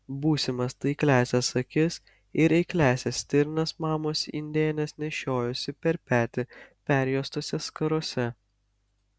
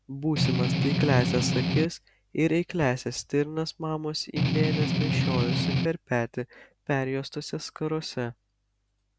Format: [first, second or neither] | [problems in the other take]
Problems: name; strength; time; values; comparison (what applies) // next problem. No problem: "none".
first | background sound (Strum); 5 dB above the speech